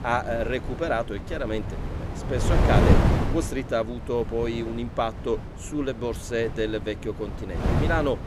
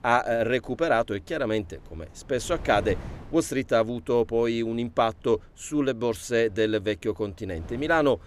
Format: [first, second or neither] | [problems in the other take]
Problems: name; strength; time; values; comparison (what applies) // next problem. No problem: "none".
second | wind noise on the microphone; heavy; 4 dB below the speech; occasional gusts in the second